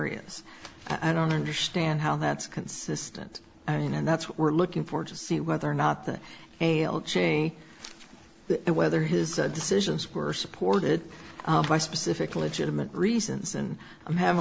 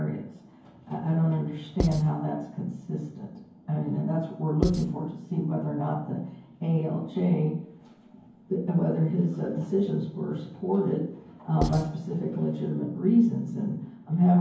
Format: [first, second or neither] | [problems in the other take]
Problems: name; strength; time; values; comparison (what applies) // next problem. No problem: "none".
first | background sound (Writing); 5 dB below the speech // room echo; dies away in 0.9 s